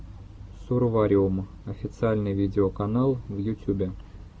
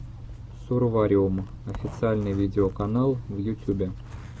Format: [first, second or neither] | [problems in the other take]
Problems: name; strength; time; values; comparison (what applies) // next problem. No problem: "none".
first | background sound (Zipper (clothing)); 15 dB below the speech